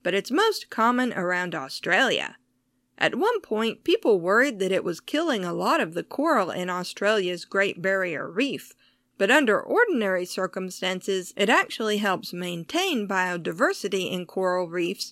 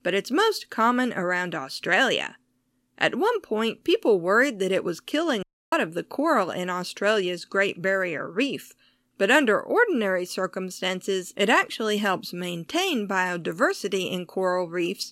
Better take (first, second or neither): first